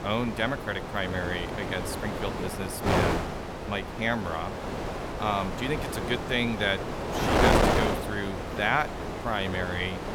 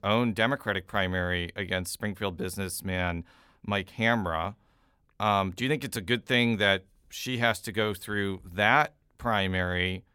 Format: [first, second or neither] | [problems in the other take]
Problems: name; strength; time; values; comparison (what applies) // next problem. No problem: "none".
second | wind noise on the microphone; heavy; 1 dB below the speech